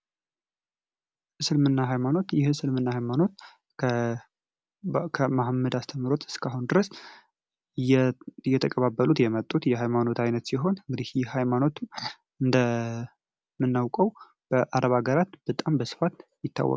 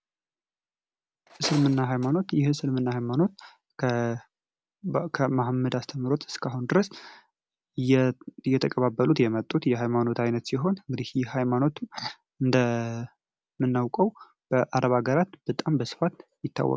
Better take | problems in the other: first | background sound (Tools); 13 dB below the speech

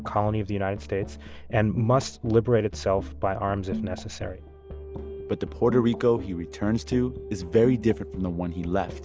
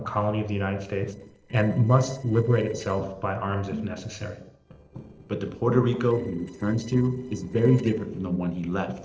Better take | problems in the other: first | noise reduction (neural separator model SepFormer DNS4)

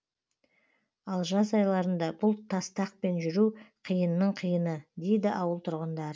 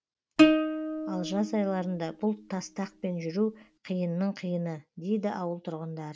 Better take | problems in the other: first | background sound (Plucked string instrument); 3 dB above the speech

